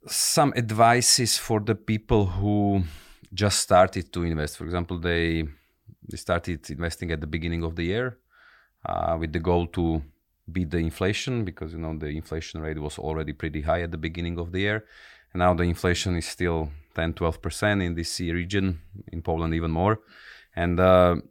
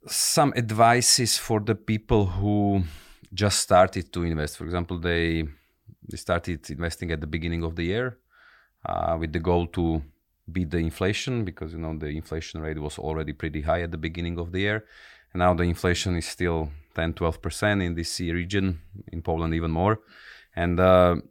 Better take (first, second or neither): neither